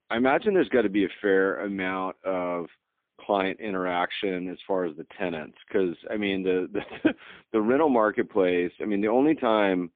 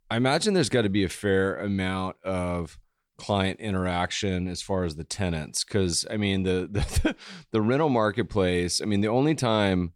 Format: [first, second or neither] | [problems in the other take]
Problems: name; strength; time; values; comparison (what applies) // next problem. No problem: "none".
second | phone-call audio; poor line; nothing above 3.5 kHz